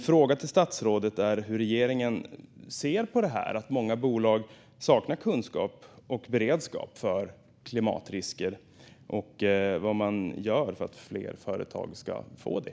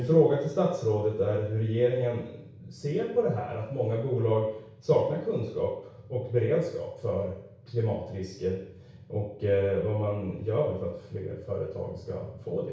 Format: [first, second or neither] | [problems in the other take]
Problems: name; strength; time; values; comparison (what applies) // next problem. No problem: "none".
first | room echo; dies away in 0.6 s